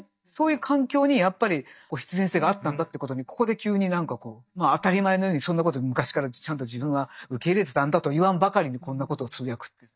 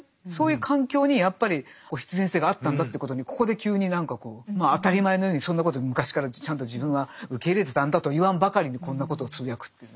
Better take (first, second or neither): second